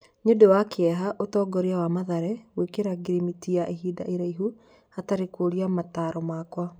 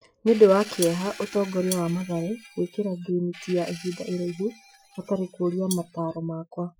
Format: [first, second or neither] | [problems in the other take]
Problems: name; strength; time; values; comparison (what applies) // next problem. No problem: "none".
first | noise reduction (classical method Wiener filter)